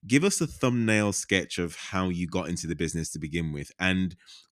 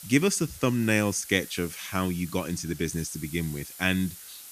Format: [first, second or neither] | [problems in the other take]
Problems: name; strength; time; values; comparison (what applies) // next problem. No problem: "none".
first | hiss; noticeable; throughout; 15 dB below the speech